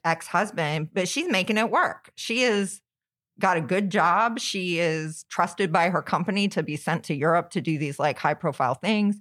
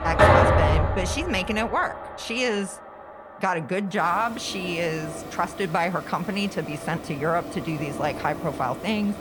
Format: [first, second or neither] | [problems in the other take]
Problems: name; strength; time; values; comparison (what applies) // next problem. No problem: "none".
first | household noises; very loud; throughout; 1 dB above the speech